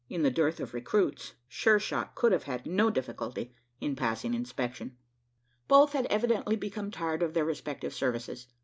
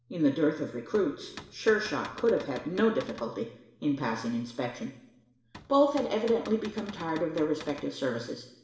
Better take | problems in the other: first | background sound (Cupboard open or close / Door); 17 dB below the speech // room echo; dies away in 0.8 s

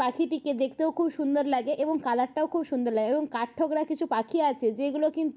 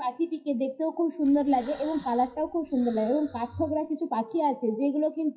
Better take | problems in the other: first | noise reduction (classical method WPE with log-MMSE)

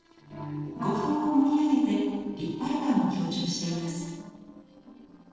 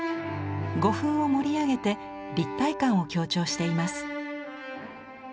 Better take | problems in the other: second | noise reduction (neural separator model SepFormer DNS4)

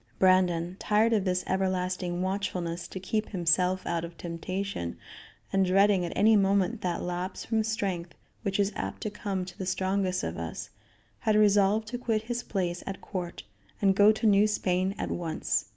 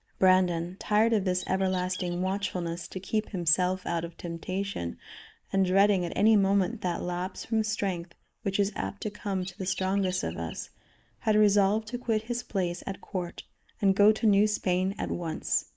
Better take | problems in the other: first | noise reduction (neural mask model Resemble Enhance denoiser)

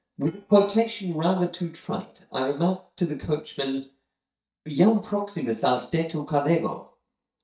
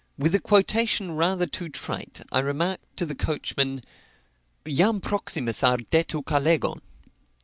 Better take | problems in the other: second | noise reduction (neural mask model DeepFilterNet 3)

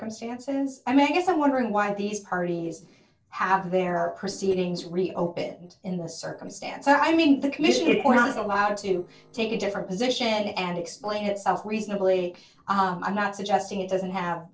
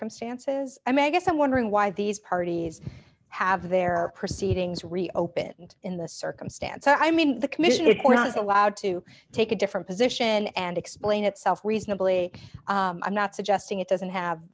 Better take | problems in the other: second | noise reduction (neural separator model SepFormer DNS4)

